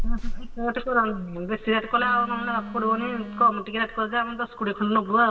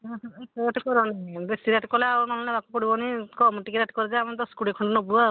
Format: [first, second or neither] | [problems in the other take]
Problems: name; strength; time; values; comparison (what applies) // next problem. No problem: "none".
second | background sound (Telephone); 7 dB below the speech // room echo; dies away in 2 s